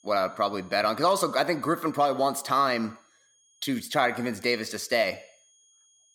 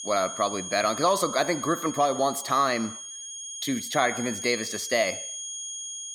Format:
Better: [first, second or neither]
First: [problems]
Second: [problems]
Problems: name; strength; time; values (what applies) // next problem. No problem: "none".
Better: first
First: high-pitched whine; faint; throughout; 6.5 kHz, 35 dB below the speech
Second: high-pitched whine; loud; throughout; 6.5 kHz, 8 dB below the speech